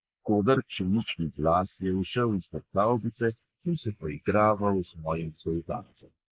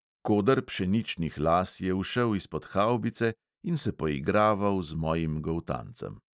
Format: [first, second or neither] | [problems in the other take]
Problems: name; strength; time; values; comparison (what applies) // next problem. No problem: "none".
second | noise reduction (neural mask model Resemble Enhance denoiser)